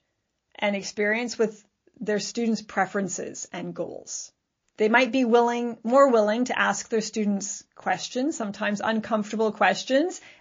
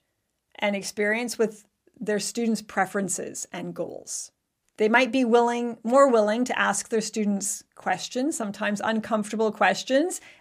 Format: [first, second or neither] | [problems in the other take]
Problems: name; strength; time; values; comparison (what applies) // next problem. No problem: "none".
second | garbled, watery; slightly; nothing above 7 kHz